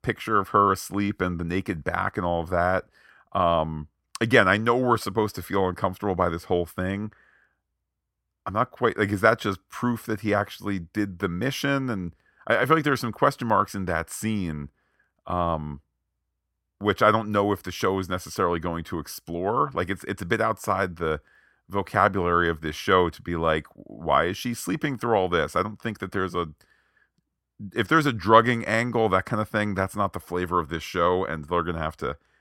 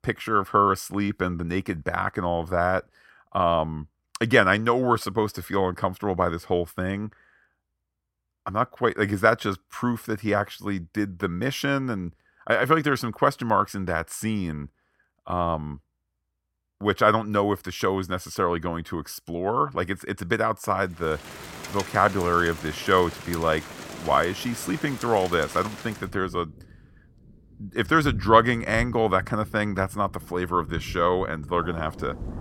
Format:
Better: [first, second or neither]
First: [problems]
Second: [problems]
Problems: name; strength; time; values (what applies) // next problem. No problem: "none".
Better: first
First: none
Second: rain or running water; noticeable; from 21 s on; 15 dB below the speech